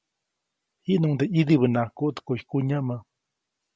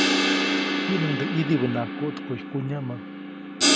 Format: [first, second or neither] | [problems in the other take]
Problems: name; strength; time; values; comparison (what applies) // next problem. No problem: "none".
first | background sound (Crash cymbal); 4 dB above the speech